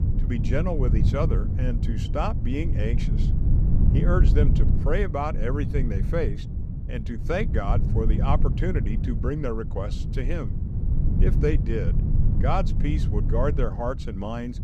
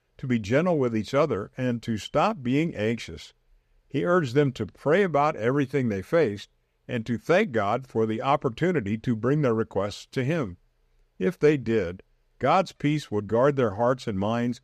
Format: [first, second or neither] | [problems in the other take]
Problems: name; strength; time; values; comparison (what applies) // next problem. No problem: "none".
second | low rumble; loud; throughout; 7 dB below the speech